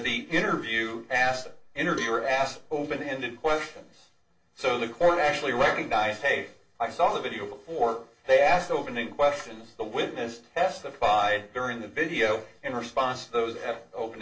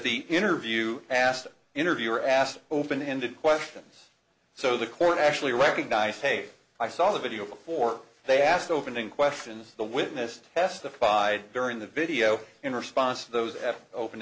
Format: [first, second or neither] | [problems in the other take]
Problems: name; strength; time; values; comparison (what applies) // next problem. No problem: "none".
second | noise reduction (neural separator model SepFormer DNS4)